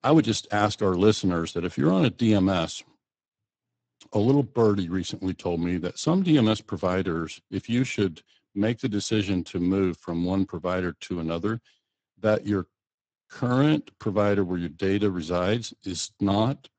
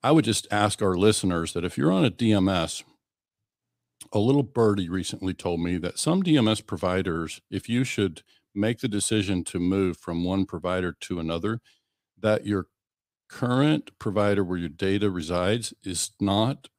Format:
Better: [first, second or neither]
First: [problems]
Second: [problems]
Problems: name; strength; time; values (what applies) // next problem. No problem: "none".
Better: second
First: garbled, watery; badly; nothing above 8 kHz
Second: none